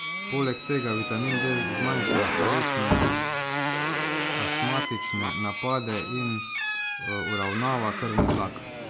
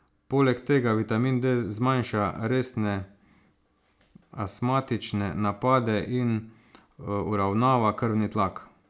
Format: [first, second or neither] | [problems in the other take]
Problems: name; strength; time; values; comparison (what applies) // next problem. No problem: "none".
second | background sound (Motorcycle + Squeak / Slam); 3 dB above the speech